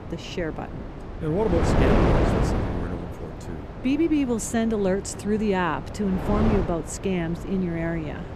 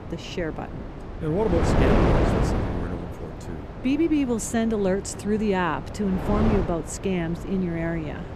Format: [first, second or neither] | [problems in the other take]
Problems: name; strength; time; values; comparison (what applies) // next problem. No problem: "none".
neither | wind noise on the microphone; heavy; 3 dB below the speech; the same in both